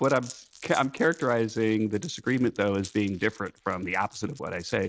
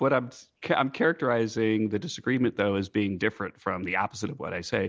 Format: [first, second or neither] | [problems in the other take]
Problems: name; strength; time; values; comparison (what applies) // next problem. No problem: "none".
second | noise reduction (neural mask model RNNoise)